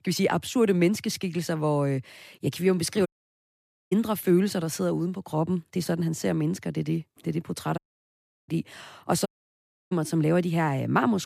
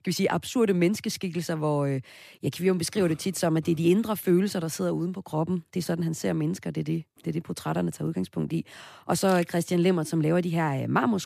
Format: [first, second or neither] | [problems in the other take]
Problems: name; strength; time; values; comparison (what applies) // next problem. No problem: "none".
second | audio cutting out; at 3 s for 1 s, at 8 s for 0.5 s and at 9.5 s for 0.5 s